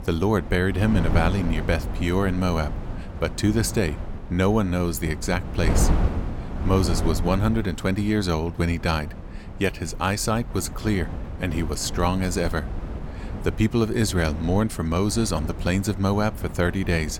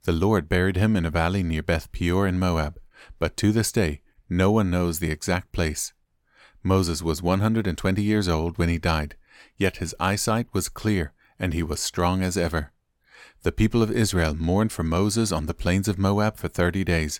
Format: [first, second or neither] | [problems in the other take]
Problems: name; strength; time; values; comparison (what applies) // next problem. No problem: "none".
second | wind noise on the microphone; occasional gusts; 10 dB below the speech